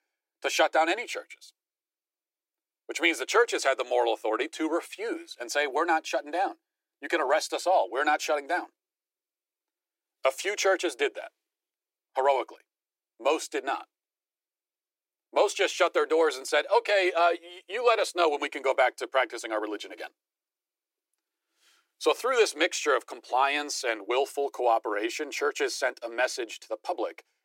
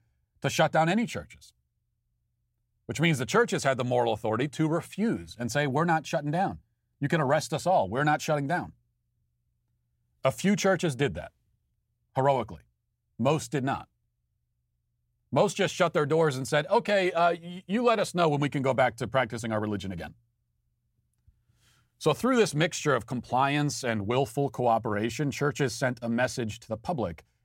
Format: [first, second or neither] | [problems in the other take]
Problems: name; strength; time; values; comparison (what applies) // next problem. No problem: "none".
second | thin; very; fading below 300 Hz